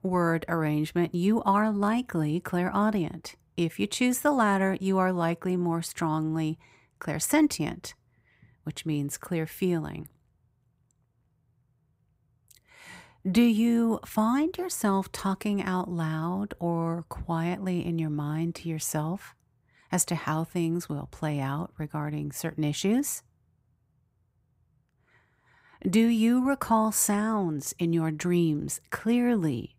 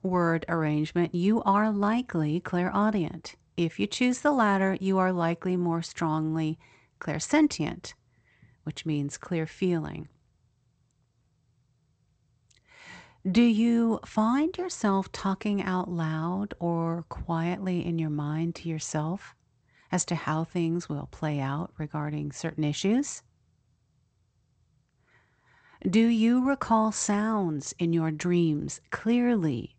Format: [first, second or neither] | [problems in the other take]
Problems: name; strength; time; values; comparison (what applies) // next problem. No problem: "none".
first | garbled, watery; slightly; nothing above 8 kHz